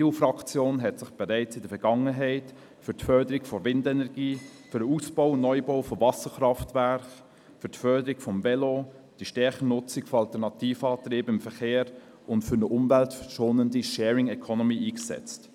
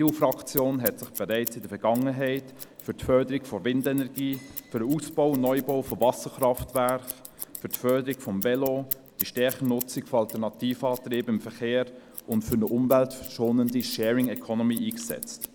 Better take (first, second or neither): first